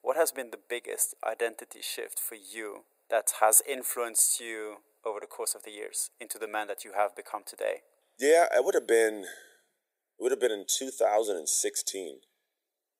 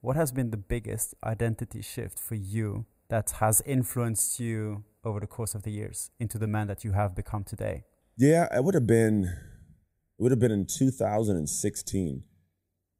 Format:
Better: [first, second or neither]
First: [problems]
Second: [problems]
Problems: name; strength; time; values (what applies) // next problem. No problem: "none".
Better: second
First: thin; very; fading below 400 Hz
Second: none